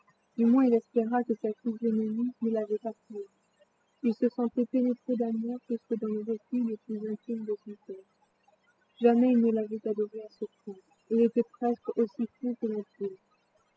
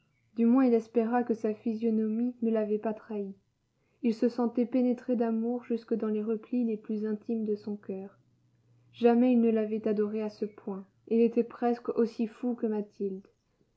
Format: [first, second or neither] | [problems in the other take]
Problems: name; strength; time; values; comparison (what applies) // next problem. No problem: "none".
second | noise reduction (classical method spectral subtraction)